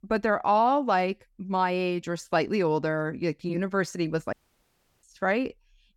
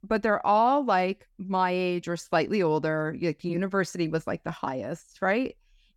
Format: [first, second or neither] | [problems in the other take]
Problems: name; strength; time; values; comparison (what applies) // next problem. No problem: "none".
second | audio cutting out; at 4.5 s for 0.5 s